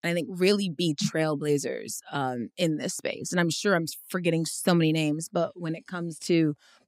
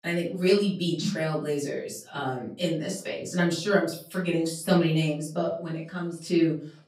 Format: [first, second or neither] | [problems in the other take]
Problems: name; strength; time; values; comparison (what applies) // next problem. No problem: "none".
first | off-mic speech; far // room echo; slight; dies away in 0.4 s